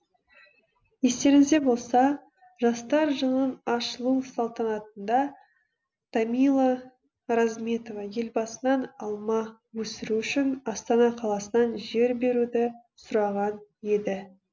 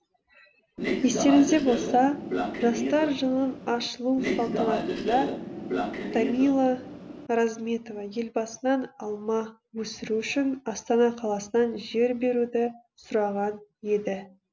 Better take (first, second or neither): first